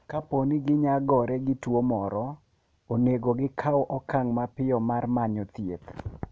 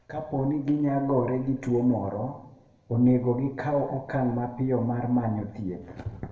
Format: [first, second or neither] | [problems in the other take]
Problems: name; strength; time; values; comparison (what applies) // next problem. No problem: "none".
first | room echo; dies away in 0.9 s